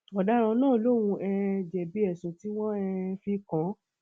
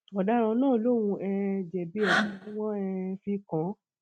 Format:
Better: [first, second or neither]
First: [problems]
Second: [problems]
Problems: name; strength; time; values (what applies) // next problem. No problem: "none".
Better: first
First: none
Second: noise reduction (neural mask model RNNoise)